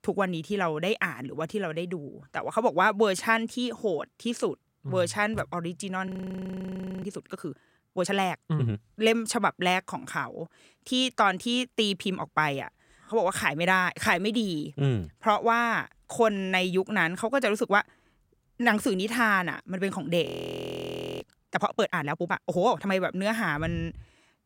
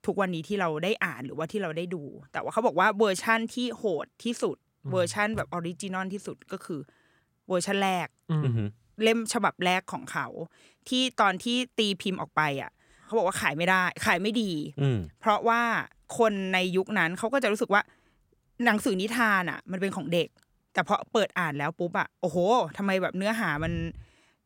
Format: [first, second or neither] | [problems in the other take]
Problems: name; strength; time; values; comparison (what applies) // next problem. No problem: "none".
second | audio freezing; at 6 s for 1 s and at 20 s for 1 s